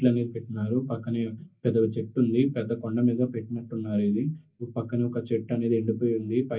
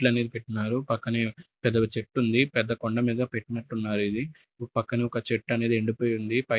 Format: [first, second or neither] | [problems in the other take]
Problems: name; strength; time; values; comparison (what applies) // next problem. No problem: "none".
second | room echo; dies away in 0.3 s